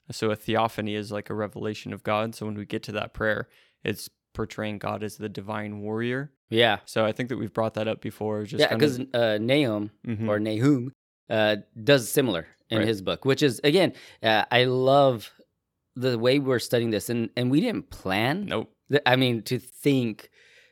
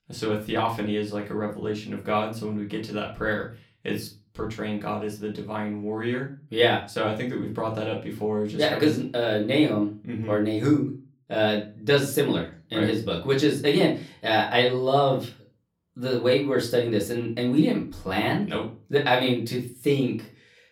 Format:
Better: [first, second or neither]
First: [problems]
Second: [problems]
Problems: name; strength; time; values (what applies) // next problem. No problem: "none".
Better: first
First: none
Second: off-mic speech; far // room echo; very slight; dies away in 0.3 s